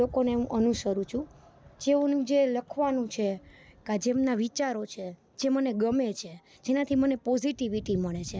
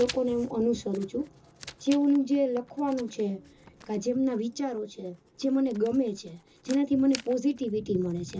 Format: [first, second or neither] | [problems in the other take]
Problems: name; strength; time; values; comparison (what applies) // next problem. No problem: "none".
first | background sound (Writing); 20 dB below the speech // room echo; dies away in 0.2 s